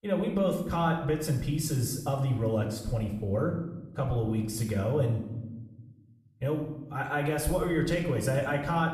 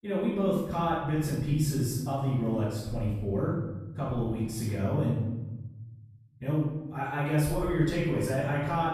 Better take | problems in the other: first | room echo; strong; dies away in 1.2 s; slight in the first // off-mic speech; far; somewhat distant in the first

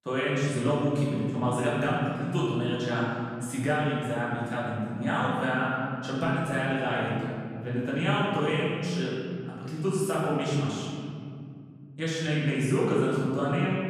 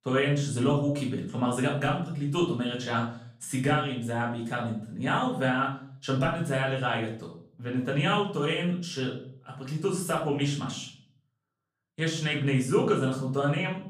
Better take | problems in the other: second | room echo; strong; dies away in 2.6 s; slight in the second // off-mic speech; far; far in the second

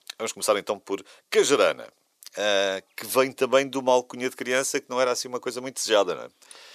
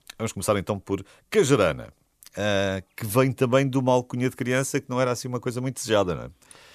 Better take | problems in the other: second | thin; somewhat; fading below 450 Hz

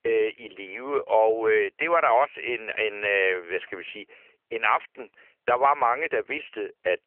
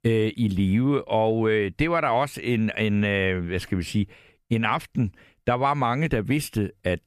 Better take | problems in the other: second | phone-call audio; nothing above 3 kHz

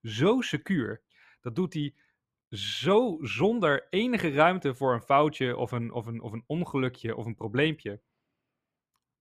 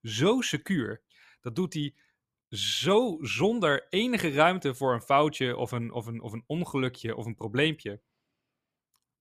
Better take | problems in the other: second | muffled; slightly; fading above 3.5 kHz

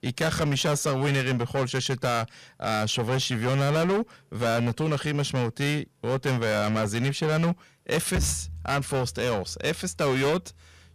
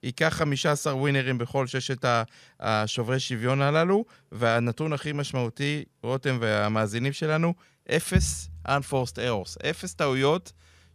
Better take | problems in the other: second | distortion; heavy; 18% of the sound clipped

